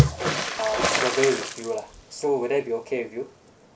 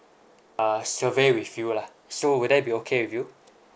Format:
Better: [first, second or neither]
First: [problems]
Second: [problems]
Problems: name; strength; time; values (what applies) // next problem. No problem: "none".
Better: second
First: background sound (Water / Splash, splatter); as loud as the speech // room echo; dies away in 0.2 s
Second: none